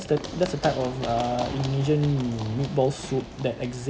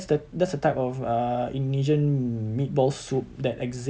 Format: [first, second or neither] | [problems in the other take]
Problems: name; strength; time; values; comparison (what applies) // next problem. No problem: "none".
second | background sound (Run); 11 dB below the speech